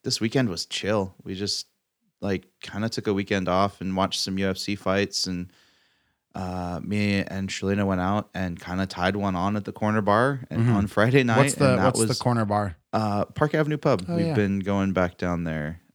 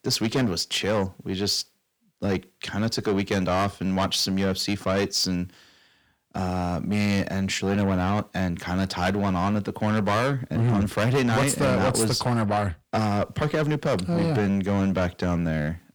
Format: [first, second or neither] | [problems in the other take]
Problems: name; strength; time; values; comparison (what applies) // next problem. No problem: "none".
first | distortion; heavy; 7 dB below the speech